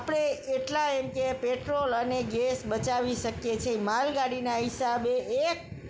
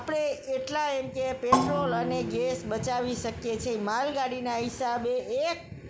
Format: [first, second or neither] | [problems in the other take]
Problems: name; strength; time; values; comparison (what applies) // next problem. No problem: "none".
first | background sound (Percussion); 4 dB below the speech